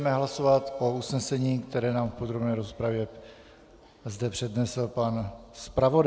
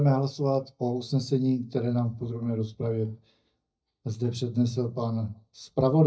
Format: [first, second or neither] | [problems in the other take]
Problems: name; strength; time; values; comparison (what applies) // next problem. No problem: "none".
first | noise reduction (neural mask model DeepFilterNet 3)